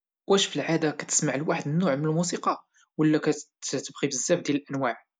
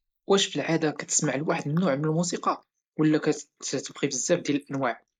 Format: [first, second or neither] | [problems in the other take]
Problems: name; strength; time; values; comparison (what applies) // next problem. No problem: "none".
first | noise reduction (neural mask model Resemble Enhance denoiser)